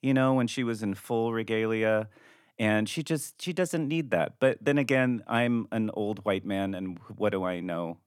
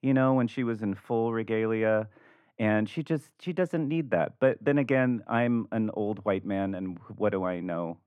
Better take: first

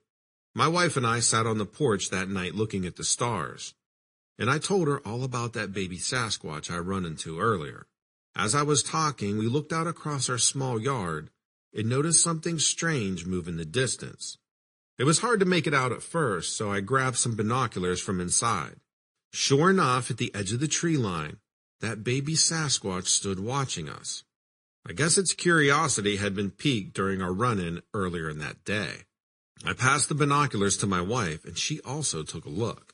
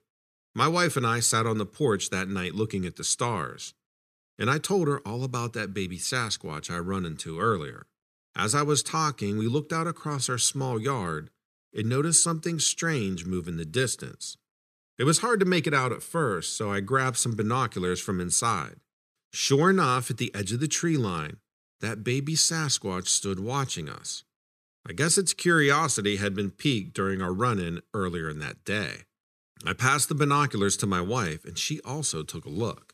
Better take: second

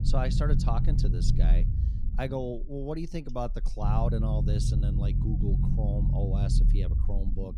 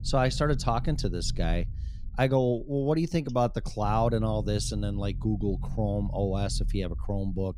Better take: second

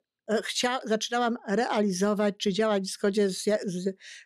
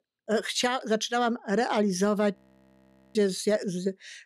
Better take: first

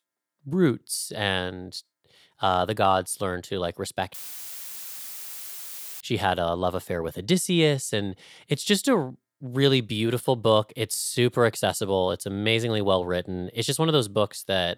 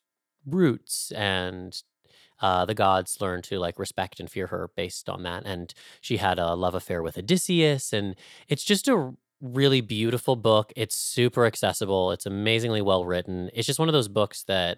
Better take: second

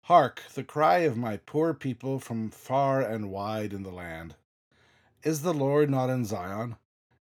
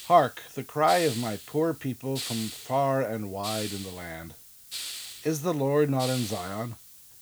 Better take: first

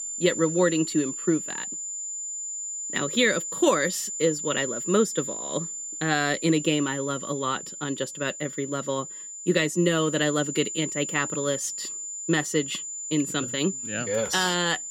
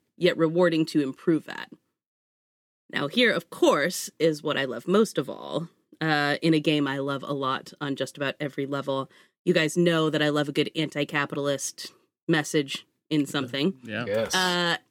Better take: second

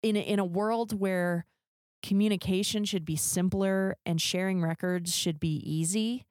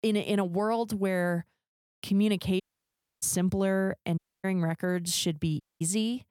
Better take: first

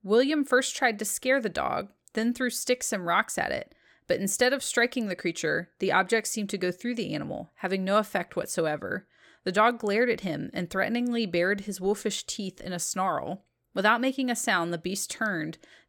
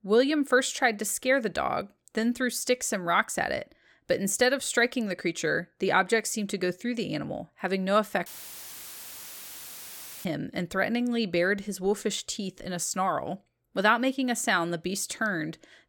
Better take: first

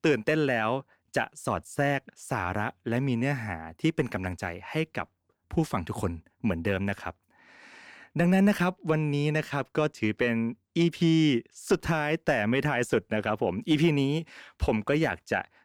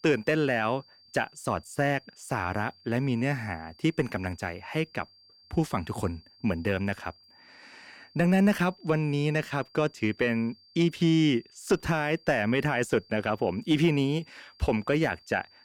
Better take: first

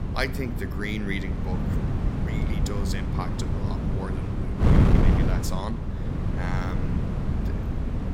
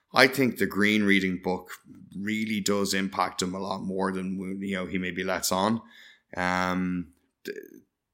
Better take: second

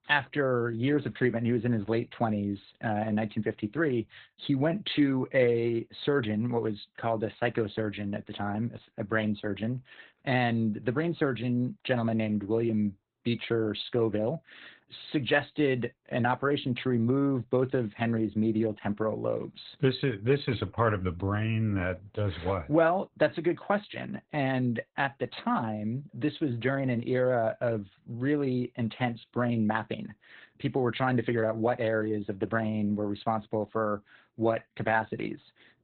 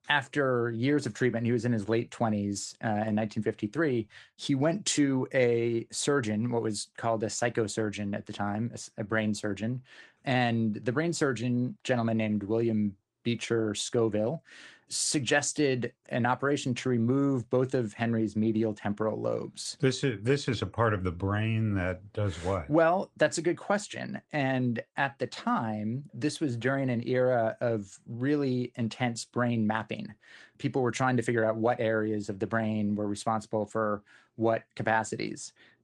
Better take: second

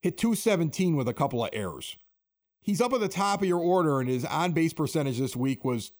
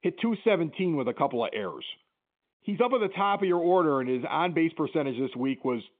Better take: first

